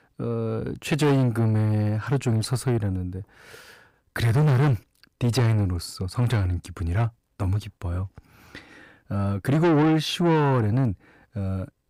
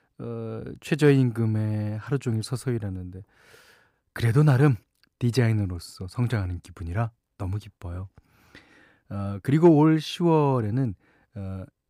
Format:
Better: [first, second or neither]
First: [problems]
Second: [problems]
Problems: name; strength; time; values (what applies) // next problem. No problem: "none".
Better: second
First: distortion; heavy; 7 dB below the speech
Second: none